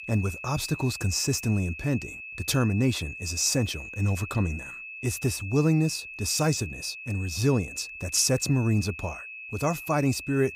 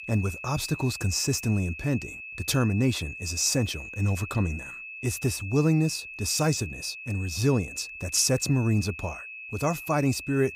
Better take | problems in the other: neither | high-pitched whine; noticeable; throughout; 2.5 kHz, 10 dB below the speech; the same in both

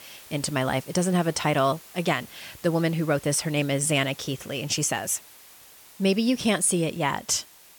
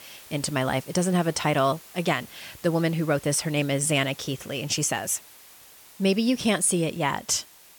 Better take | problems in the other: neither | hiss; faint; throughout; 20 dB below the speech; the same in both

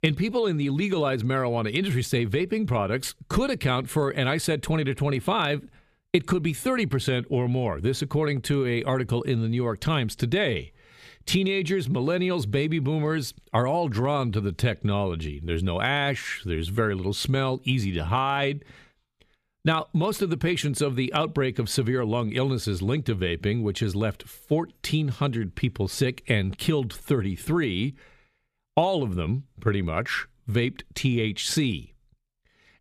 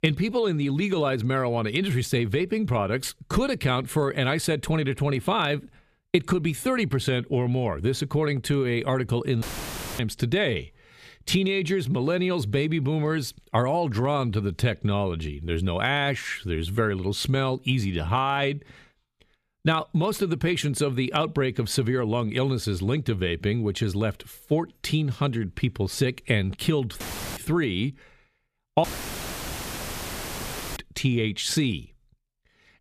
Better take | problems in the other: first | audio cutting out; filled with static; at 9.5 s for 0.5 s, at 27 s and at 29 s for 2 s

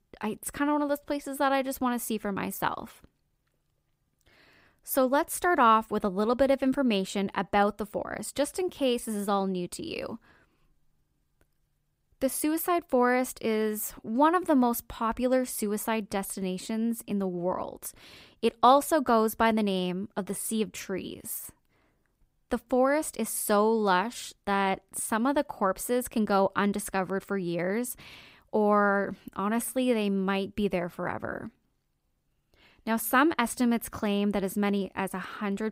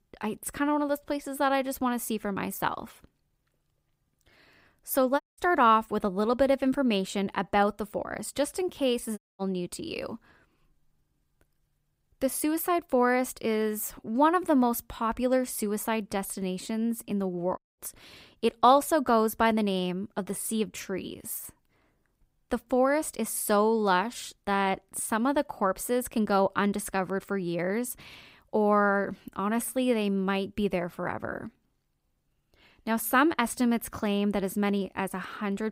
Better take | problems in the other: first | audio cutting out; at 5 s, at 9 s and at 18 s

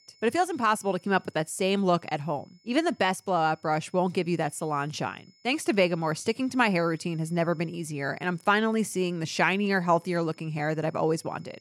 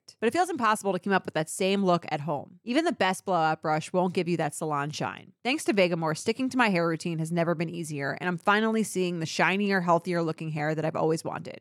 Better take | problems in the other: second | high-pitched whine; faint; throughout; 5 kHz, 30 dB below the speech

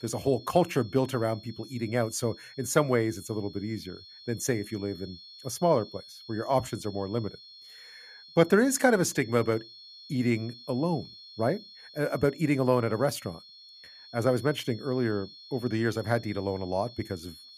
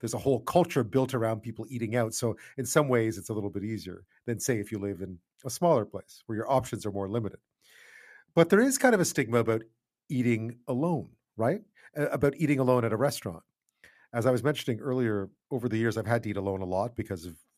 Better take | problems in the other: second | high-pitched whine; noticeable; throughout; 4.5 kHz, 20 dB below the speech

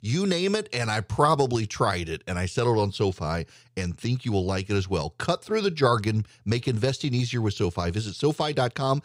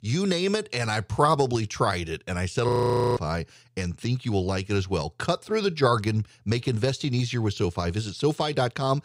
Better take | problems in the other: first | audio freezing; at 2.5 s

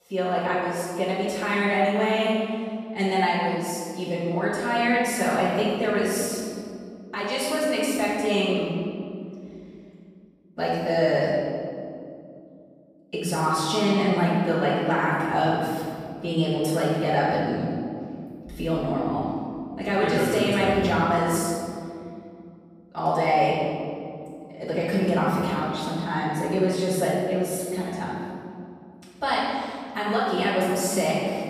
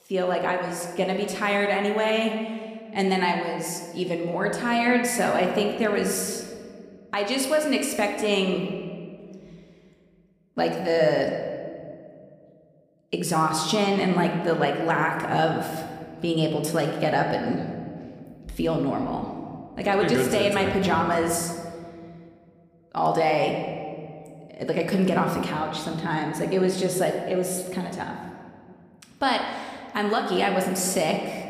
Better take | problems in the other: second | room echo; strong; dies away in 2.2 s; slight in the second // off-mic speech; far

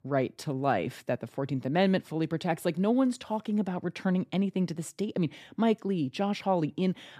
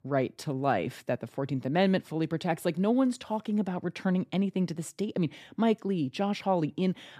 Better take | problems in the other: neither | none

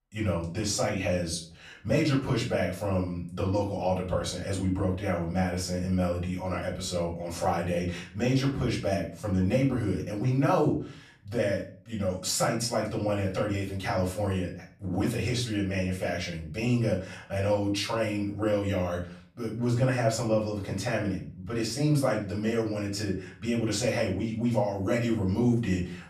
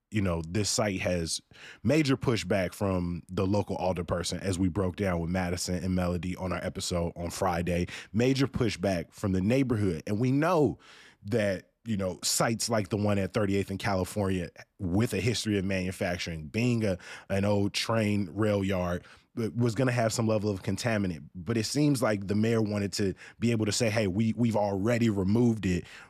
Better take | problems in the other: second | room echo; slight; dies away in 0.4 s // off-mic speech; far

